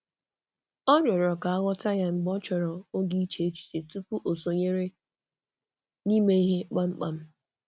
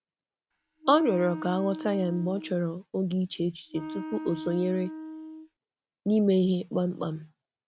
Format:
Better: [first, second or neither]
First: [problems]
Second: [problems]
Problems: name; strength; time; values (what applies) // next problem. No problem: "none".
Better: first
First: none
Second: background sound (Wind instrument, woodwind instrument); 10 dB below the speech